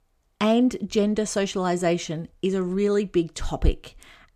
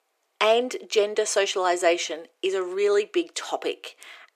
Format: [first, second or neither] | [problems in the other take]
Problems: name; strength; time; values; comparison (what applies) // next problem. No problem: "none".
first | thin; very; fading below 400 Hz